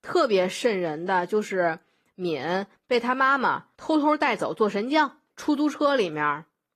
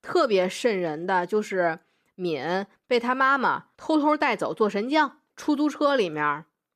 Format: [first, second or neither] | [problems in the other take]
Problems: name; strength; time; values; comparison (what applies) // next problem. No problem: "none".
second | garbled, watery; slightly; nothing above 14.5 kHz